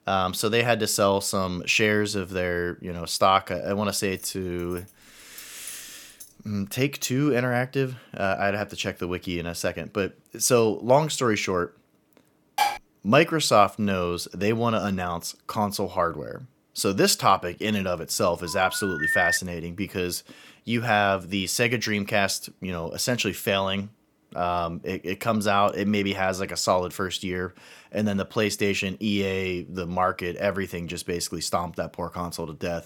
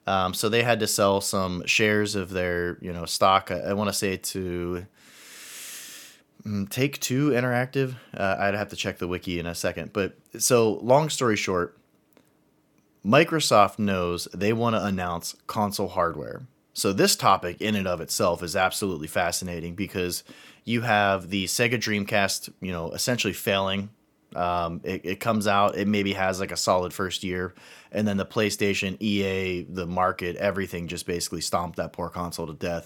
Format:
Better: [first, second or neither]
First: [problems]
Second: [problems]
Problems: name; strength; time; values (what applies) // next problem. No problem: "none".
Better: second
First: jangling keys; faint; from 4 to 6.5 s; peak 15 dB below the speech // clattering dishes; noticeable; at 13 s; peak level with the speech // phone ringing; loud; at 18 s; peak 3 dB above the speech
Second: none